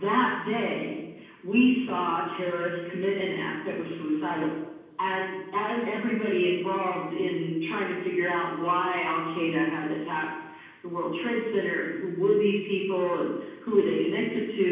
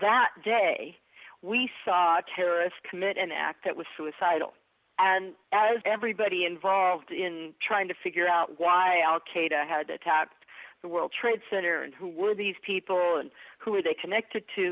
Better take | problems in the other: second | room echo; dies away in 1.2 s

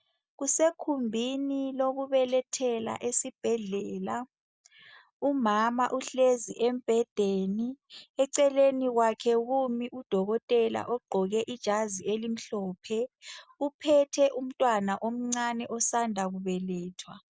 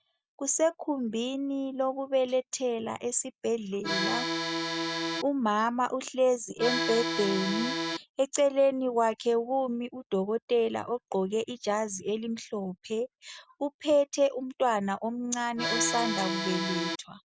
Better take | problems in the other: first | background sound (Accordion); 1 dB below the speech

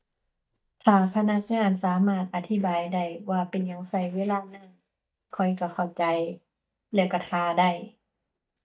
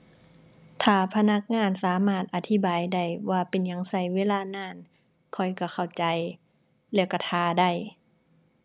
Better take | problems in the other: second | noise reduction (neural mask model DeepFilterNet 3)

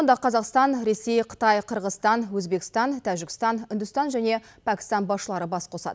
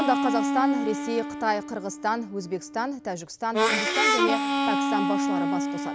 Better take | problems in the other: first | background sound (Harmonica); 2 dB above the speech

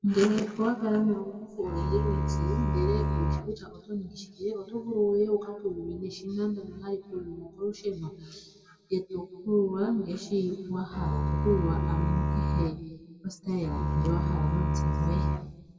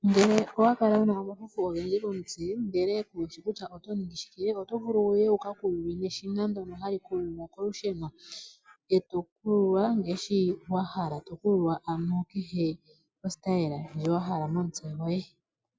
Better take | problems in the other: second | background sound (Bowed string instrument); 2 dB above the speech // room echo; dies away in 1.3 s

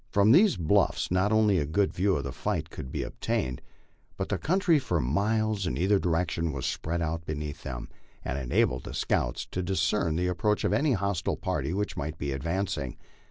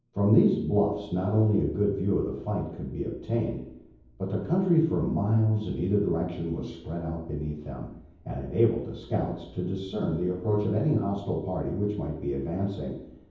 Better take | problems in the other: first | room echo; dies away in 0.9 s

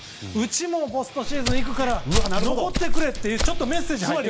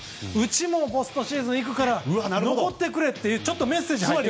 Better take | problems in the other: second | background sound (Walk, footsteps); 4 dB above the speech

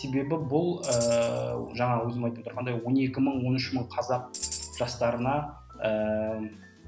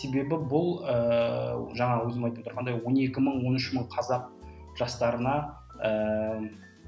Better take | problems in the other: second | background sound (Tambourine); 11 dB below the speech

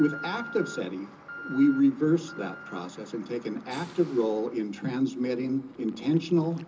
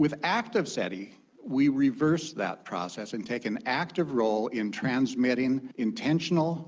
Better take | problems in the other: second | background sound (Alarm); 16 dB below the speech // room echo; dies away in 0.2 s

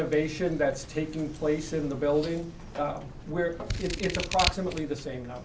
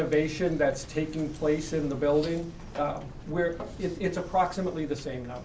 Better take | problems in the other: second | background sound (Scissors); 3 dB below the speech

